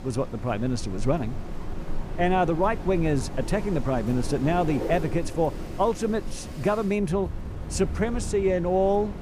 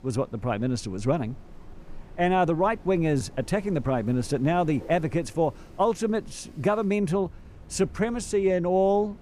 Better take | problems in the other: second | wind in the background; loud; throughout; 10 dB below the speech; faint in the second

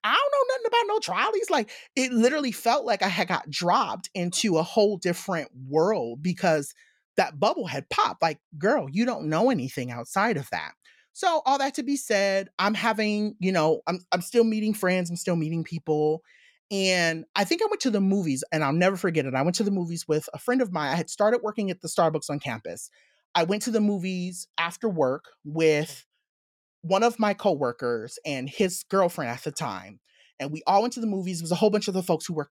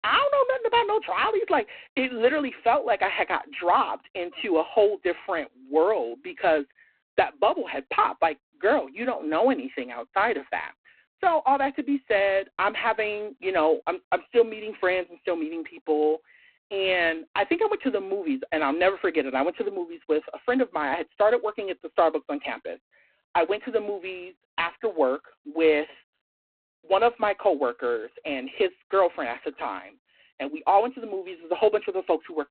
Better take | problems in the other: first | phone-call audio; poor line; nothing above 4 kHz

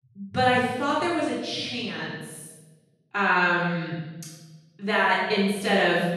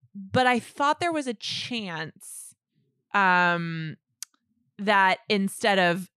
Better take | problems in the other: second | off-mic speech; far // room echo; strong; dies away in 1.1 s

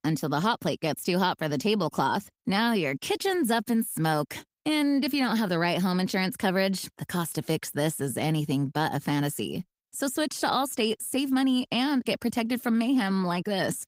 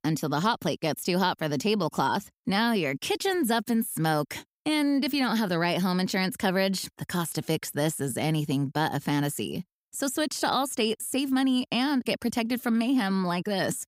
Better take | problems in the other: second | garbled, watery; slightly; nothing above 15.5 kHz

